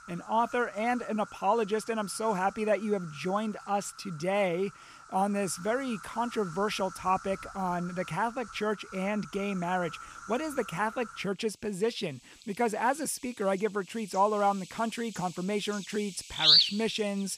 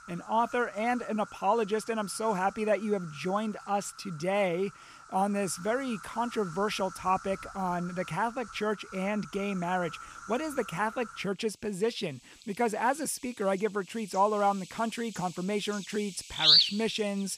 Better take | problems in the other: neither | animal sounds; very loud; throughout; 2 dB above the speech; the same in both

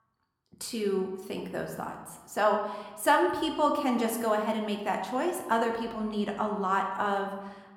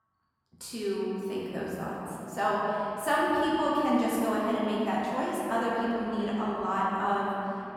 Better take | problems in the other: first | room echo; strong; dies away in 3 s; slight in the first // off-mic speech; far

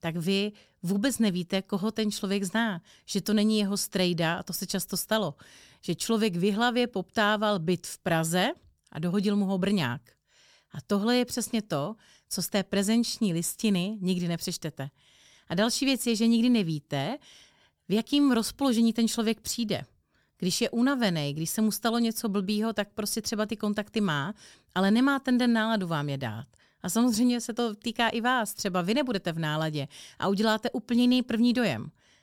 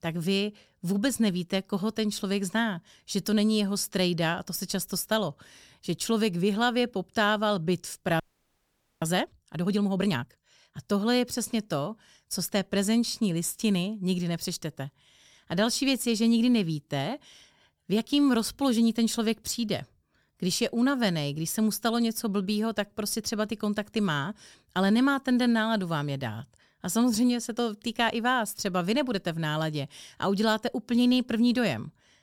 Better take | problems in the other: first | audio freezing; at 8 s for 1 s

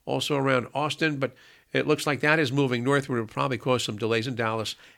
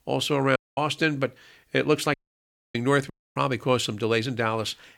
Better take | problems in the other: first | audio cutting out; at 0.5 s, at 2 s for 0.5 s and at 3 s

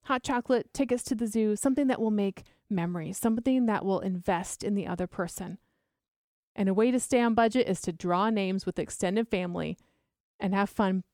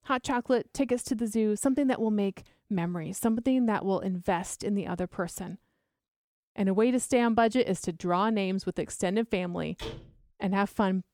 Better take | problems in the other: first | door banging; faint; at 10 s; peak 10 dB below the speech

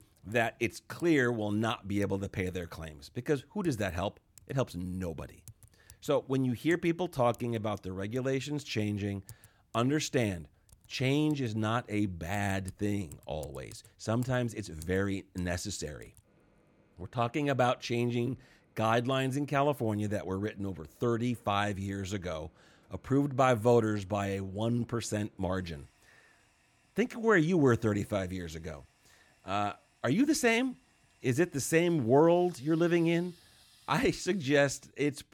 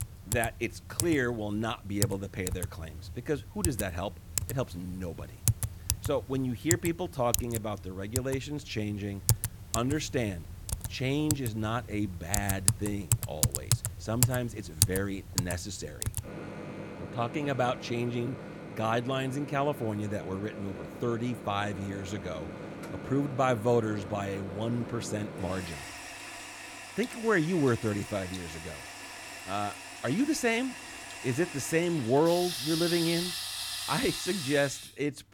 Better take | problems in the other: first | household noises; loud; throughout; 3 dB below the speech; faint in the first

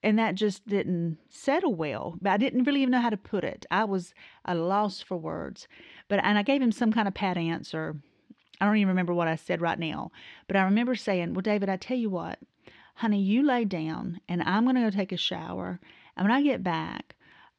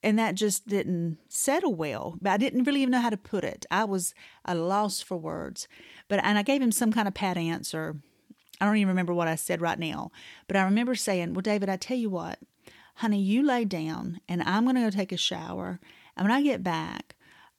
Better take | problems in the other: second | muffled; slightly; fading above 4 kHz

